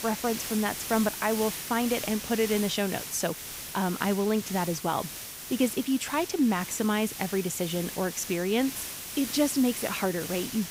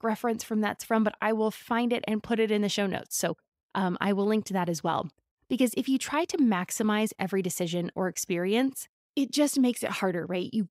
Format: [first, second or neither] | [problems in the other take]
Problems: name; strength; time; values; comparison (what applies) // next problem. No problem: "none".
second | hiss; loud; throughout; 7 dB below the speech